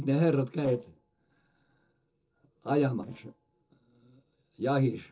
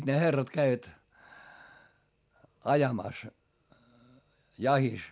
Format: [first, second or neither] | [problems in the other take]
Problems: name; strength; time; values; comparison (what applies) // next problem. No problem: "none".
second | noise reduction (neural separator model SepFormer DNS4)